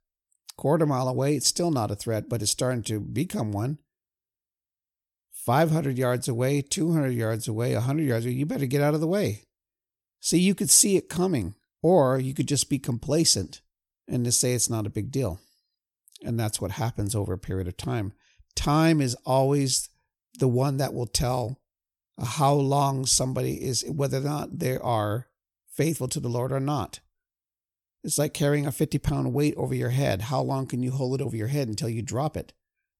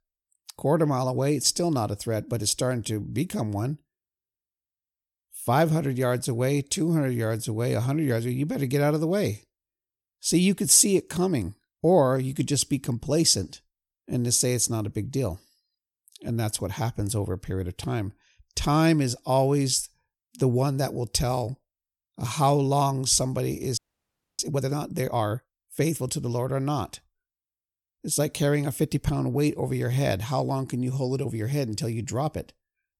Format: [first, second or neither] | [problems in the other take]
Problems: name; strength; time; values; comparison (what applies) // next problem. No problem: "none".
first | audio freezing; at 24 s for 0.5 s